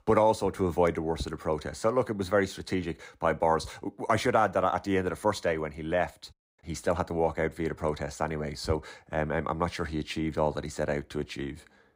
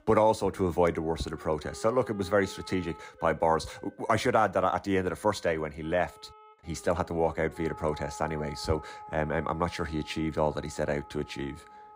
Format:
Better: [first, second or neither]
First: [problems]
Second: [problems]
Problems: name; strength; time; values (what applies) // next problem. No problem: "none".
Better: first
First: none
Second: background music; noticeable; throughout; 20 dB below the speech